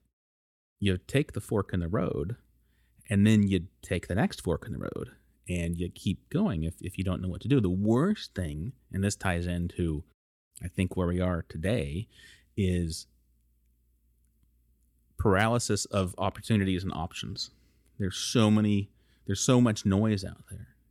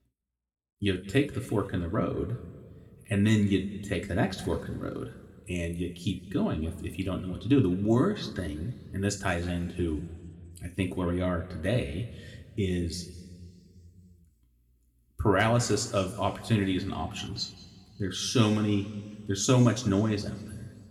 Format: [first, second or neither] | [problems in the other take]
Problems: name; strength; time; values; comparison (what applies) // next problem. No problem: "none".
first | room echo; slight; dies away in 1.4 s // off-mic speech; somewhat distant